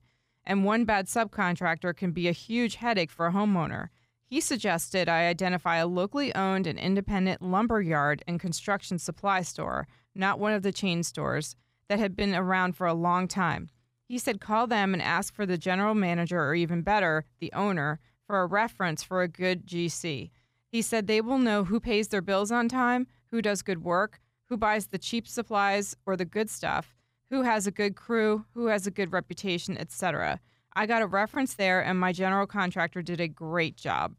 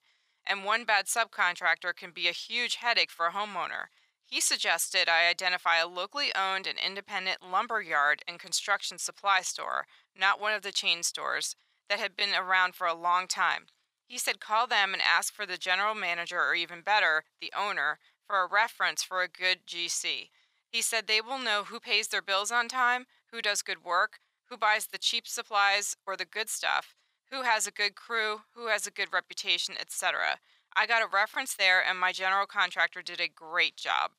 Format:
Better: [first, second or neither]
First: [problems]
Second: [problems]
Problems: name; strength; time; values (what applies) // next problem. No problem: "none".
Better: first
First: none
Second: thin; very; fading below 1 kHz